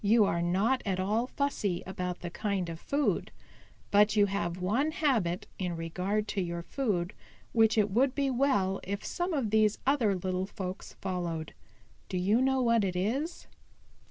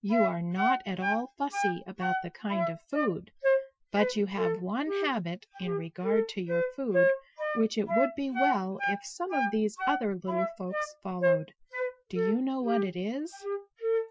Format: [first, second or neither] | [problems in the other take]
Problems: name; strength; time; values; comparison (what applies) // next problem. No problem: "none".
first | noise reduction (classical method Wiener filter)